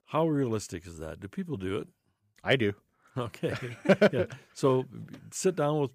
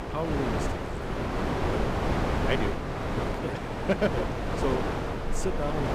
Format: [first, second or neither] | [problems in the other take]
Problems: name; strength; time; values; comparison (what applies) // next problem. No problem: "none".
first | wind noise on the microphone; heavy; 3 dB above the speech